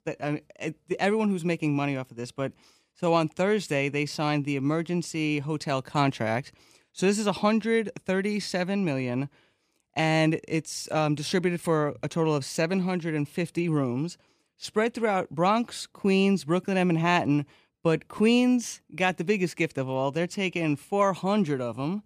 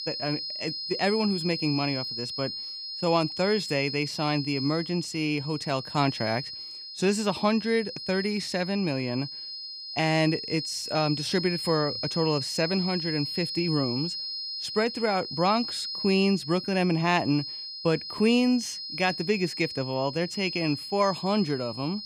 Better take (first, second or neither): first